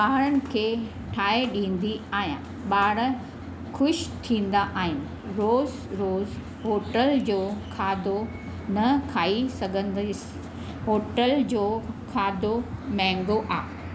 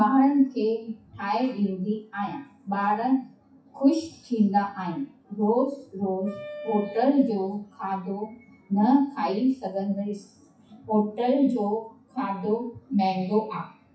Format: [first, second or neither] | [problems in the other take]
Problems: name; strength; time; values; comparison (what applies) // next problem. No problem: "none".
first | noise reduction (classical method WPE with log-MMSE)